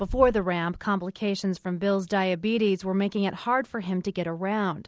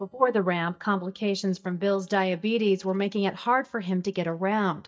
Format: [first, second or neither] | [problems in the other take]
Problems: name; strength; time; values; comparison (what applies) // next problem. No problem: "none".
first | noise reduction (neural mask model DeepFilterNet 3)